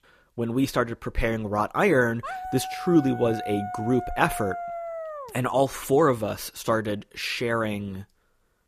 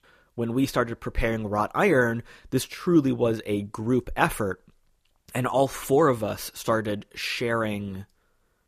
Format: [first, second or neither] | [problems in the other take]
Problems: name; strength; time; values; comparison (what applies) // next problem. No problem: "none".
second | dog barking; noticeable; from 2 to 5.5 s; peak 8 dB below the speech